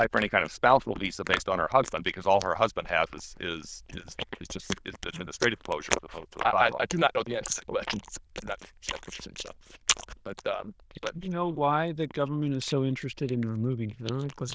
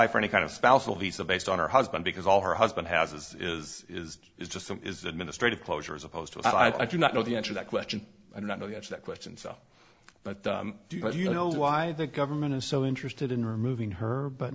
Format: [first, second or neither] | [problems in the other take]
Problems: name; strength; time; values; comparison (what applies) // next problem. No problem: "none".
second | noise reduction (neural diffusion model UNIVERSE++)